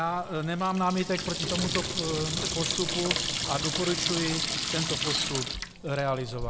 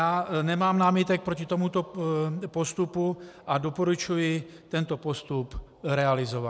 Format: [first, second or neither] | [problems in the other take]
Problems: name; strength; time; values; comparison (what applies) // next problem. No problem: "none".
second | background sound (Sink (filling or washing) / Water tap, faucet); 1 dB below the speech